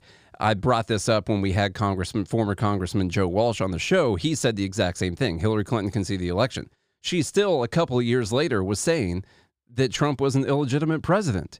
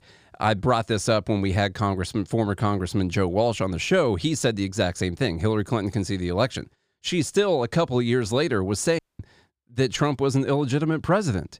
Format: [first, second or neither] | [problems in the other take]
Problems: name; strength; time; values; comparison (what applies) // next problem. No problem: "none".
first | audio cutting out; at 9 s